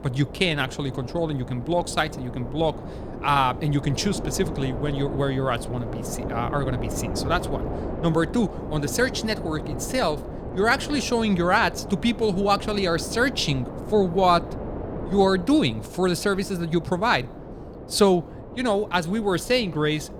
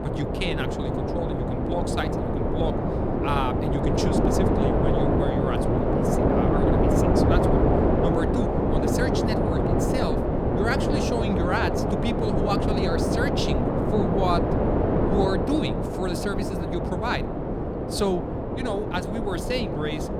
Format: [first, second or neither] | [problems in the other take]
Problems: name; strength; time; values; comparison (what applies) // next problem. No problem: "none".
first | wind noise on the microphone; heavy; 4 dB above the speech; occasional gusts in the first